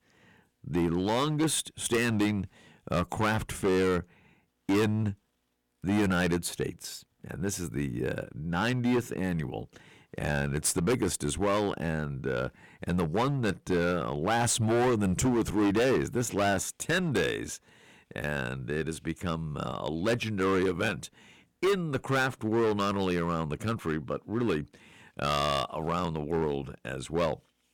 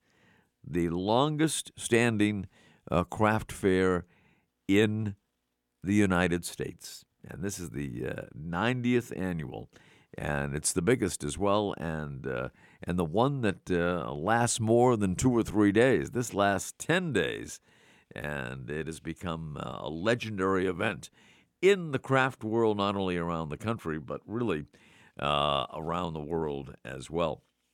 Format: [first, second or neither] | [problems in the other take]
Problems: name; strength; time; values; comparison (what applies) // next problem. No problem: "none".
second | distortion; heavy; 10% of the sound clipped